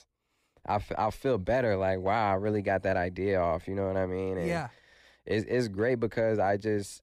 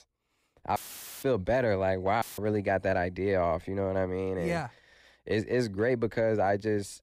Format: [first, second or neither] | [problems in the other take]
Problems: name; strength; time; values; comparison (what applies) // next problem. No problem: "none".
first | audio cutting out; filled with static; at 1 s and at 2 s